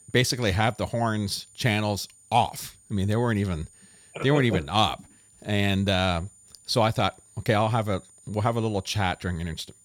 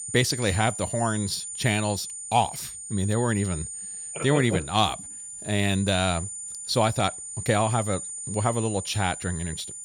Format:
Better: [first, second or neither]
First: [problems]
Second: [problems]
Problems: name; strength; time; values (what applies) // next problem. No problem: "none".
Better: first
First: high-pitched whine; faint; throughout; 9 kHz, 25 dB below the speech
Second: high-pitched whine; loud; throughout; 9 kHz, 8 dB below the speech